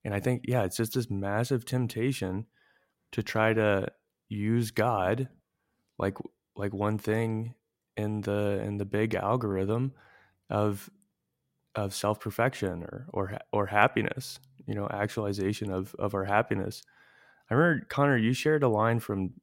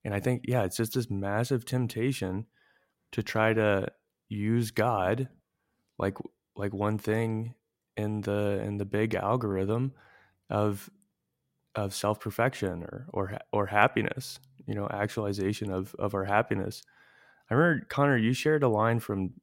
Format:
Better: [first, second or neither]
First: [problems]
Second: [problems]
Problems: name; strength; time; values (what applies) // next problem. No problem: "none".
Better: neither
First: none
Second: none